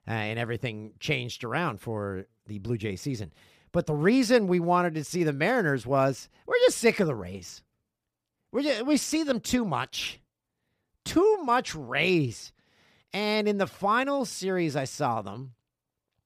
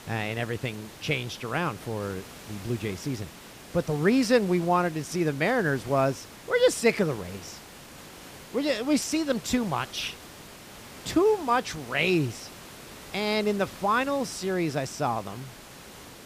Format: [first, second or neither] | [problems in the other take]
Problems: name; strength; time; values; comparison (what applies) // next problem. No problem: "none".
first | hiss; noticeable; throughout; 15 dB below the speech